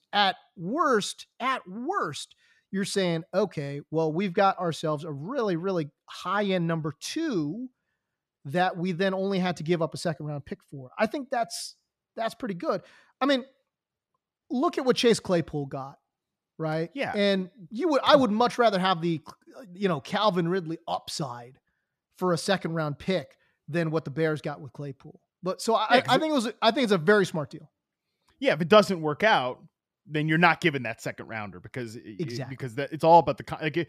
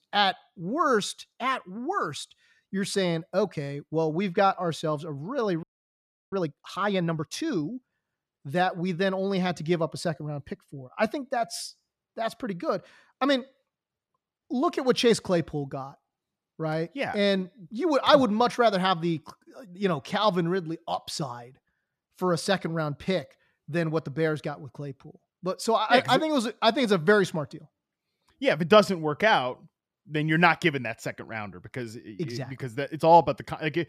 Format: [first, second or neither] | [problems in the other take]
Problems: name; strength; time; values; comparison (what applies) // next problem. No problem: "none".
first | audio freezing; at 5.5 s for 0.5 s